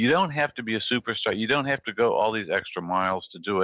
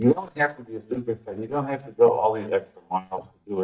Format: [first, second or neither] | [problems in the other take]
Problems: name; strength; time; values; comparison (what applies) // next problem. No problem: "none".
first | noise reduction (neural mask model DeepFilterNet 3)